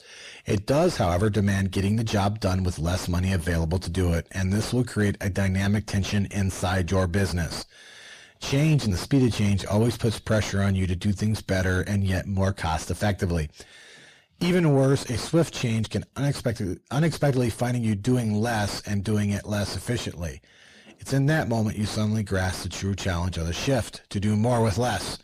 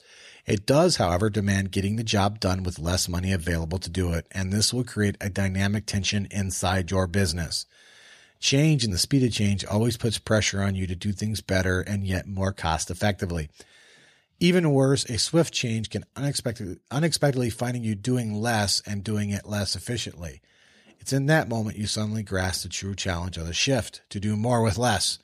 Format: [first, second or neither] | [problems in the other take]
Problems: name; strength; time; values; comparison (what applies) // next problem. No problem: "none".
second | distortion; heavy; 7 dB below the speech